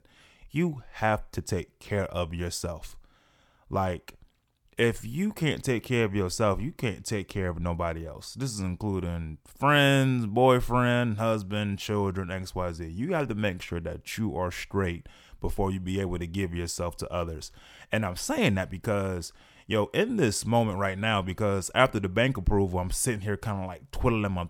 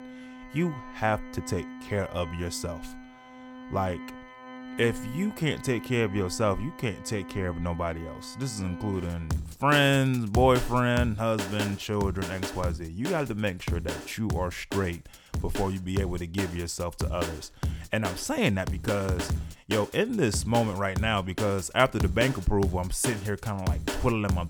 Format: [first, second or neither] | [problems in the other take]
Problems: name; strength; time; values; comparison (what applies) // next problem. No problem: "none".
first | background music; loud; throughout; 8 dB below the speech